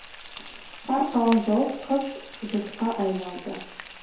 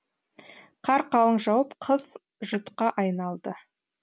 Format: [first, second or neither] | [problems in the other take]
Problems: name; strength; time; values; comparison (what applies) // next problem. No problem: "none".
second | background sound (Frying (food)); 15 dB below the speech // room echo; dies away in 2.4 s